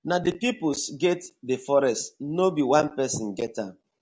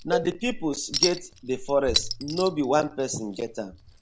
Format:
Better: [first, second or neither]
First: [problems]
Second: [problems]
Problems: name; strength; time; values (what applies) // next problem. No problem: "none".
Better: first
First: none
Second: background sound (Cowbell + Chink, clink); 5 dB below the speech